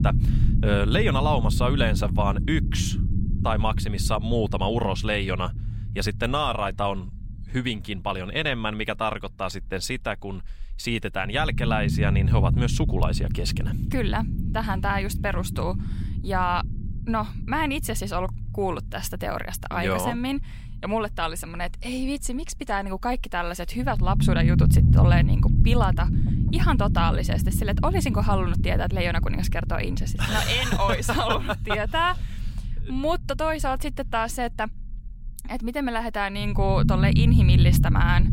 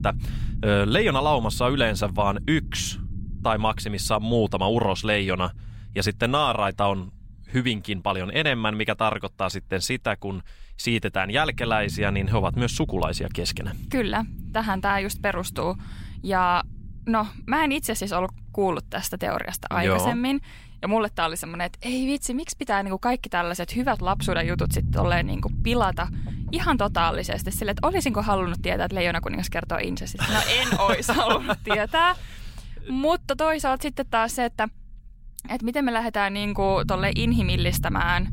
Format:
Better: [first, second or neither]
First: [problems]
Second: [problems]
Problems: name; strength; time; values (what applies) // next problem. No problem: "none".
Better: second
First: low rumble; loud; throughout; 10 dB below the speech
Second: low rumble; faint; throughout; 20 dB below the speech